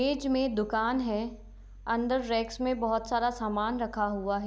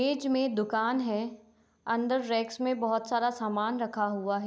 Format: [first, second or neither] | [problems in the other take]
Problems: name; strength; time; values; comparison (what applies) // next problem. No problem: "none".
second | background sound (Mechanical fan); 18 dB below the speech